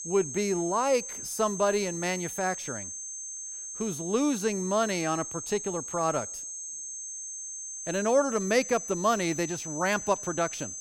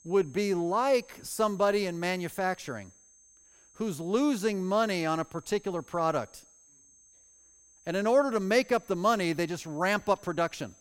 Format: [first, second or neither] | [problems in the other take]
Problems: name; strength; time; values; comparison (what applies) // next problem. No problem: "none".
second | high-pitched whine; loud; throughout; 6.5 kHz, 7 dB below the speech; faint in the second